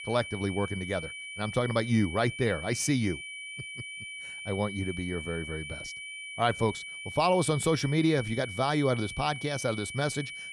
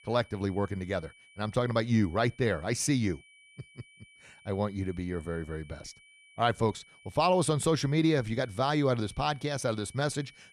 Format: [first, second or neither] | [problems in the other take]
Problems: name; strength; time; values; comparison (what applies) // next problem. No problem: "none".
second | high-pitched whine; loud; throughout; 2.5 kHz, 9 dB below the speech; faint in the second